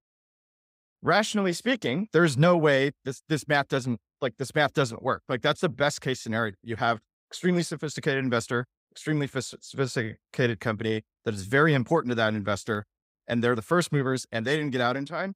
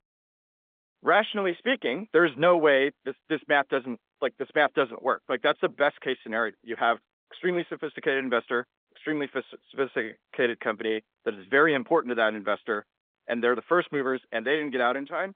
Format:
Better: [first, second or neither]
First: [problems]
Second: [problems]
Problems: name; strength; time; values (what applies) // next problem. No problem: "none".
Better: first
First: none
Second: phone-call audio; nothing above 3.5 kHz